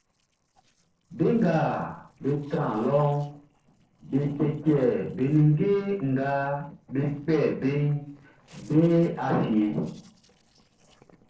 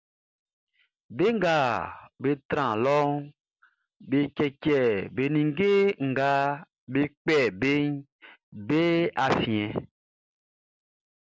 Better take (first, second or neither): second